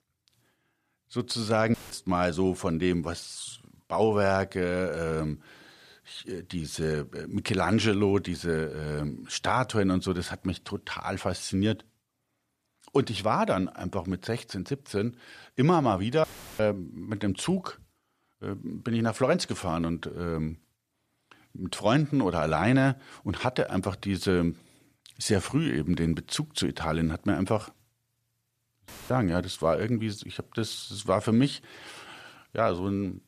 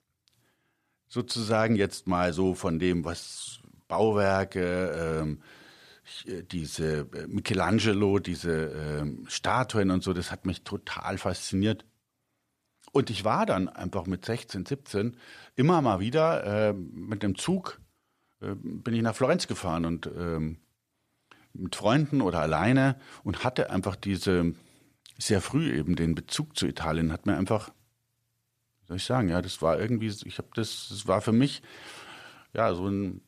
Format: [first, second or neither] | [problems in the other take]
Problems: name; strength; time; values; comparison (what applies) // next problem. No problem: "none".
second | audio cutting out; filled with static; at 1.5 s, at 16 s and at 29 s